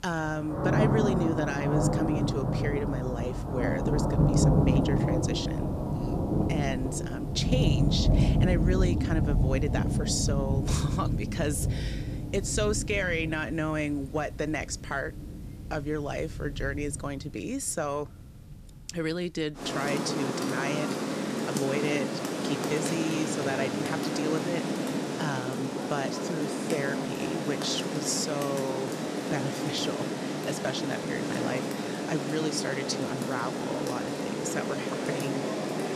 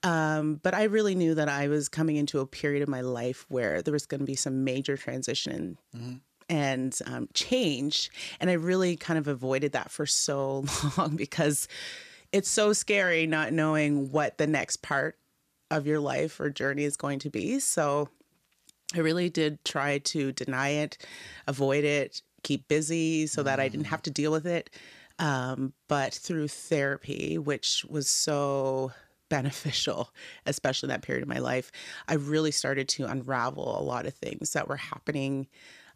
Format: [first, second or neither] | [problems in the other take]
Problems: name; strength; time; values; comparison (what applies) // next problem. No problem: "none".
second | rain or running water; very loud; throughout; 3 dB above the speech